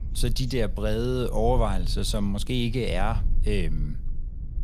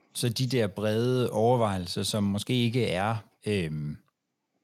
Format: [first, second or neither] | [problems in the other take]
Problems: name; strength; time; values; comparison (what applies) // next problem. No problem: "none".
second | low rumble; faint; throughout; 20 dB below the speech